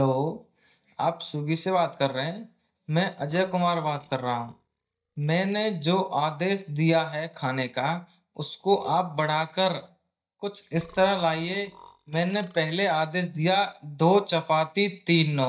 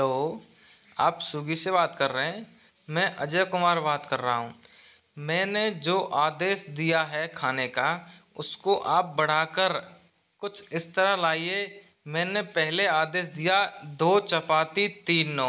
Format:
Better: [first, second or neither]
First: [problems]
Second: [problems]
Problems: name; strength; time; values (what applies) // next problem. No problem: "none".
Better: second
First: noise reduction (neural mask model DeepFilterNet 3)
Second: none